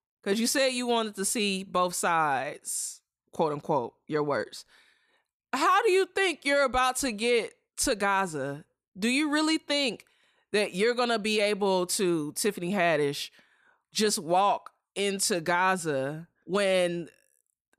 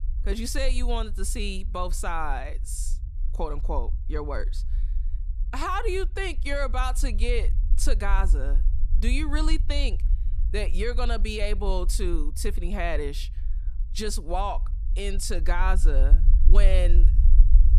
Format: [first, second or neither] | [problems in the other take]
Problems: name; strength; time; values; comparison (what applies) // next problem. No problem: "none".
first | low rumble; noticeable; throughout; 20 dB below the speech